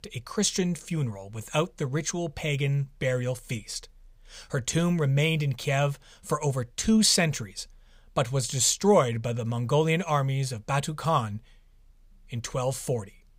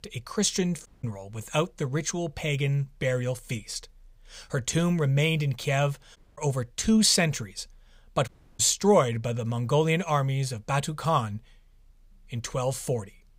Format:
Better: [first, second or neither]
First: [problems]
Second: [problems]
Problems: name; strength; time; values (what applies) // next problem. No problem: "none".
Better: first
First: none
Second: audio cutting out; at 1 s, at 6 s and at 8.5 s